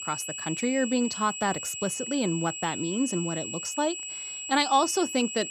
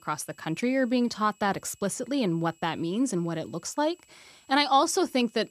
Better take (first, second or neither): second